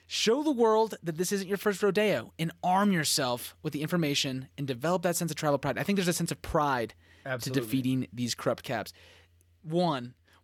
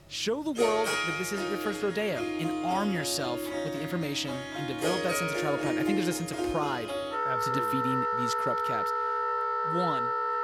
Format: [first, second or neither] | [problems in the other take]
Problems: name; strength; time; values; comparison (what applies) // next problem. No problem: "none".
first | background music; very loud; throughout; 2 dB above the speech